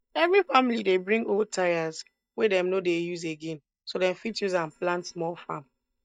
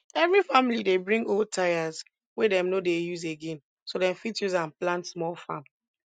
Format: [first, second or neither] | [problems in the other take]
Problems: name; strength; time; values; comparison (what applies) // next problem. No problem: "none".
second | noise reduction (neural mask model DeepFilterNet 3)